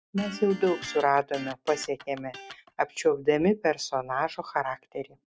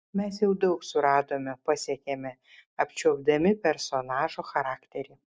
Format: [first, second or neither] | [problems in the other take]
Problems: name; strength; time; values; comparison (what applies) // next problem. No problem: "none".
second | background sound (Electric guitar); 15 dB below the speech